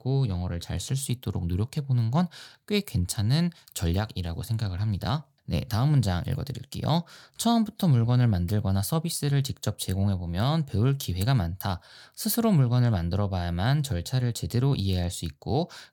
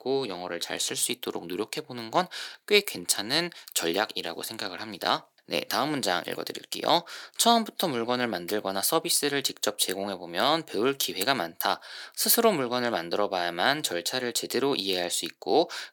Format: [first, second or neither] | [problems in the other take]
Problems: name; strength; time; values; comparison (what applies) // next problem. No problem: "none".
first | thin; very; fading below 350 Hz